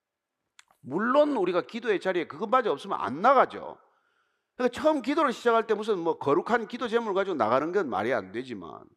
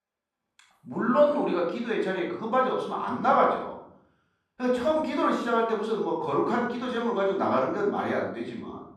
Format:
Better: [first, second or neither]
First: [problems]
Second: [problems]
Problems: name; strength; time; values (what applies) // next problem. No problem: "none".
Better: first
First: none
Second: off-mic speech; far // room echo; noticeable; dies away in 0.6 s